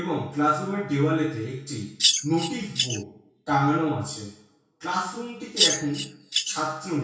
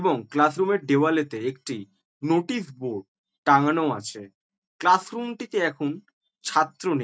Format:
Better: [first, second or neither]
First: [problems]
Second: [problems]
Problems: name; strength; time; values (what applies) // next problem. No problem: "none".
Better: second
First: background sound (Bird vocalization, bird call, bird song); 2 dB above the speech // room echo; dies away in 0.6 s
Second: none